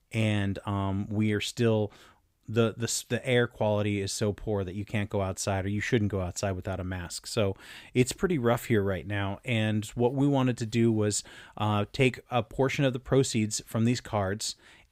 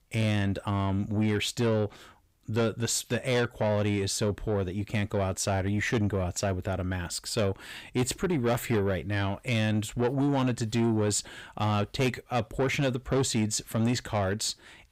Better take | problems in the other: first | distortion; slight; 10 dB below the speech

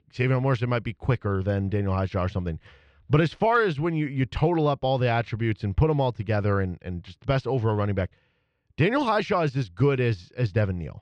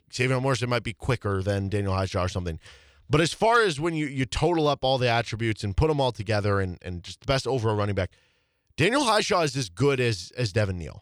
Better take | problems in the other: second | muffled; slightly; fading above 2.5 kHz

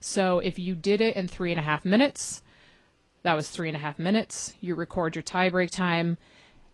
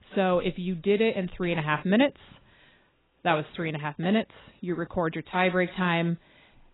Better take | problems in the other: first | garbled, watery; badly; nothing above 4 kHz; slightly in the first

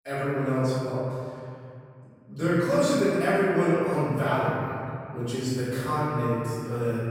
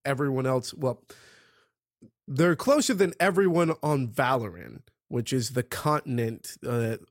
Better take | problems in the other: second | room echo; strong; dies away in 2.5 s // off-mic speech; far

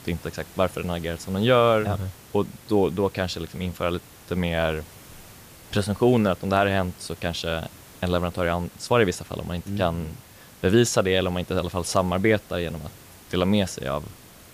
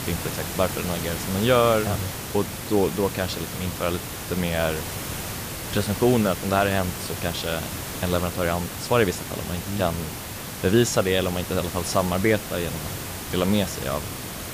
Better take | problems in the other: first | hiss; loud; throughout; 6 dB below the speech; faint in the first

